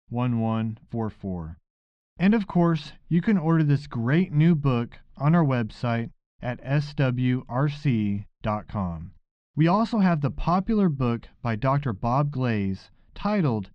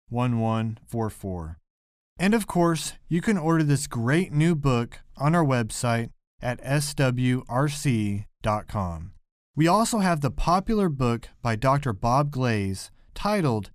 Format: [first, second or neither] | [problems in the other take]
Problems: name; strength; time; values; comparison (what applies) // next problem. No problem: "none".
second | muffled; slightly; fading above 4 kHz